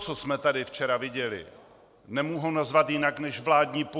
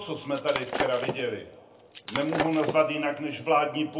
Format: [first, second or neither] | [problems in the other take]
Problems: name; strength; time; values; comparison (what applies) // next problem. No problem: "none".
first | background sound (Shatter); 6 dB below the speech // room echo; dies away in 0.3 s